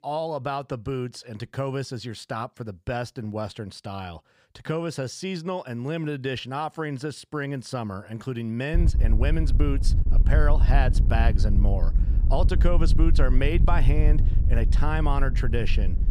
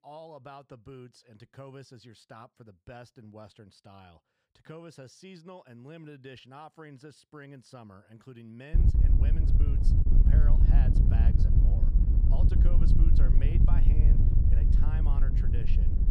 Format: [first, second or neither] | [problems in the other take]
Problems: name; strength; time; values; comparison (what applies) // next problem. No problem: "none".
first | wind noise on the microphone; heavy; from 8.5 s on; 5 dB above the speech; occasional gusts in the first